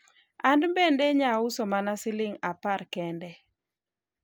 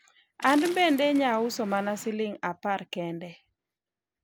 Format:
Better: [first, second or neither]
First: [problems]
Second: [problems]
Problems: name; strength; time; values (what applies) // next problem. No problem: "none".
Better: first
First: none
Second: background sound (Waves, surf); 18 dB below the speech